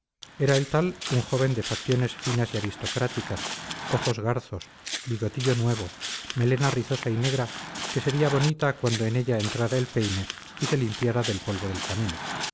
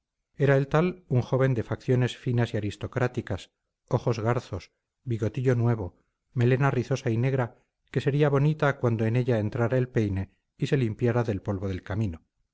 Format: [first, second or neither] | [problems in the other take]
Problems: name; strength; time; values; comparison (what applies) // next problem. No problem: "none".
second | background sound (Walk, footsteps); 9 dB below the speech